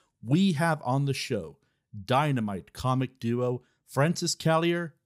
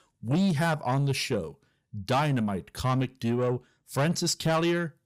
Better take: first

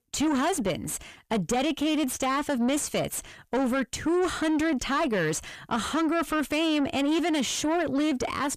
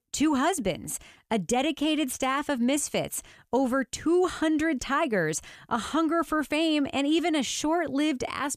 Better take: second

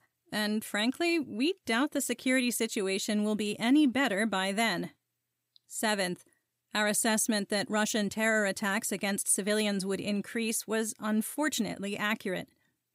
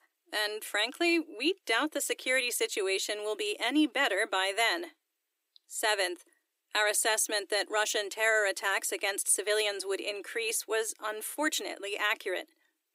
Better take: first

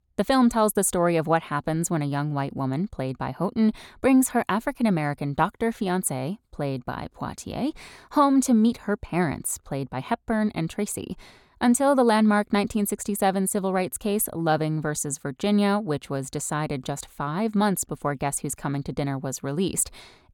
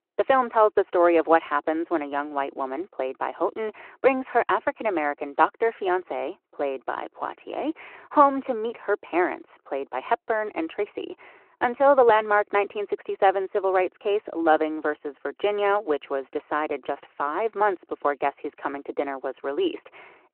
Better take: first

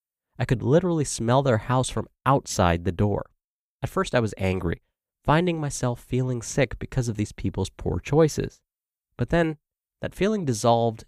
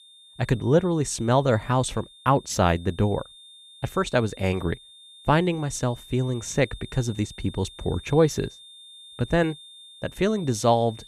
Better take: first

